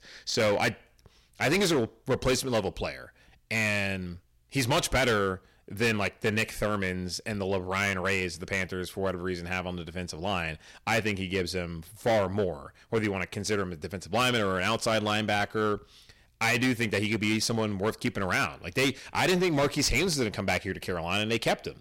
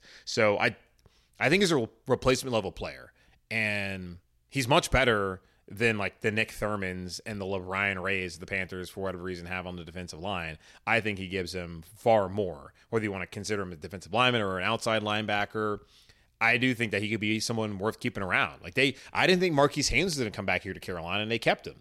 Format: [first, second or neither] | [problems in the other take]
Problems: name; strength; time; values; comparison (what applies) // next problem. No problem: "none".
second | distortion; heavy; 9% of the sound clipped